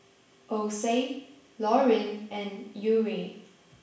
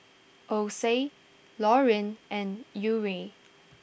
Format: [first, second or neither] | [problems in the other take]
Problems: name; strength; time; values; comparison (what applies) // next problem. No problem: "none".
second | room echo; dies away in 0.7 s